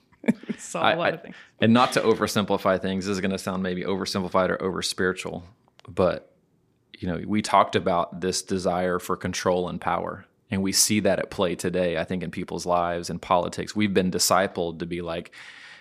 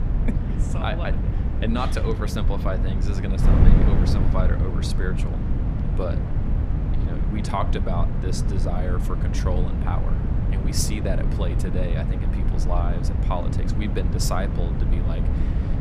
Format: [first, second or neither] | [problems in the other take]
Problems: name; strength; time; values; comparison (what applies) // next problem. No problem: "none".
first | wind noise on the microphone; heavy; 3 dB below the speech